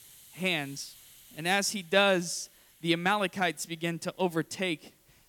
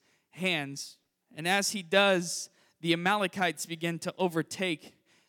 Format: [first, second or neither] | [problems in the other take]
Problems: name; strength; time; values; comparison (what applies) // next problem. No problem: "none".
second | hiss; faint; throughout; 25 dB below the speech